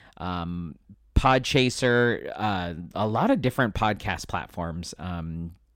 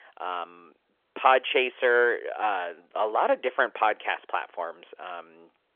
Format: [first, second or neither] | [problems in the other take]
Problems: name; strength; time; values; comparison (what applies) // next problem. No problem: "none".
first | phone-call audio; nothing above 3.5 kHz